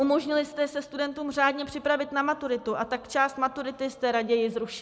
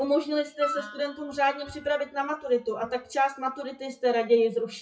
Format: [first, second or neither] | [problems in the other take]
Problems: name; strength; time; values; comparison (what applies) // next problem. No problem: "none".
first | noise reduction (classical method WPE with log-MMSE)